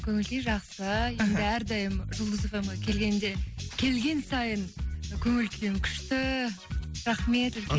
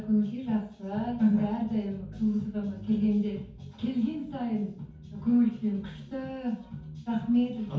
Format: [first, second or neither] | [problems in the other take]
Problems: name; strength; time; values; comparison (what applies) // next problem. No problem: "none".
first | room echo; dies away in 0.6 s